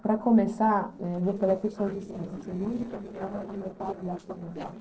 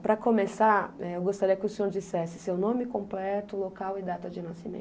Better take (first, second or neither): second